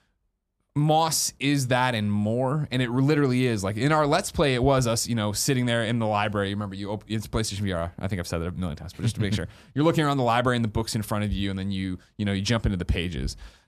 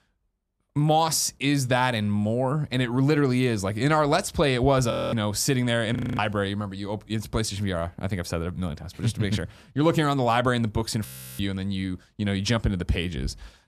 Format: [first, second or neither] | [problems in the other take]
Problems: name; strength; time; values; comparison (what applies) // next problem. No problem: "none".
first | audio freezing; at 5 s, at 6 s and at 11 s